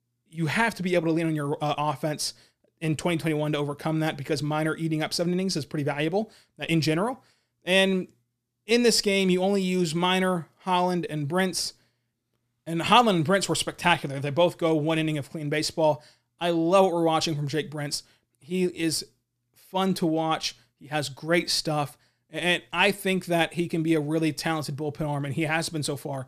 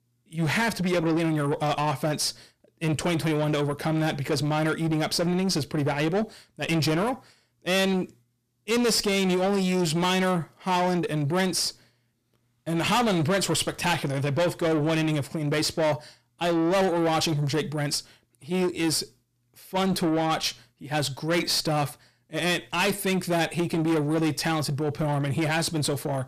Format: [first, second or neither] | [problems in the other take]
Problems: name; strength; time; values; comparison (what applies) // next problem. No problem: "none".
first | distortion; heavy; 8 dB below the speech